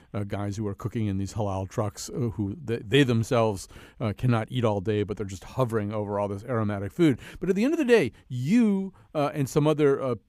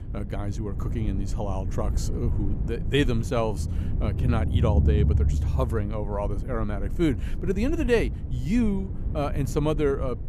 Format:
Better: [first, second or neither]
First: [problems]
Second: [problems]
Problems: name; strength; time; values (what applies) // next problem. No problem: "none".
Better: first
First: none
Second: low rumble; noticeable; throughout; 10 dB below the speech